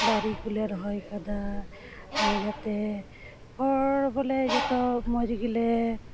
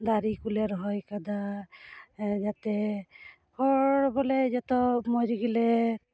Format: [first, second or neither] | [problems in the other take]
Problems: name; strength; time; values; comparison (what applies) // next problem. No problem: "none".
second | background sound (Subway, metro, underground + Bird); 6 dB below the speech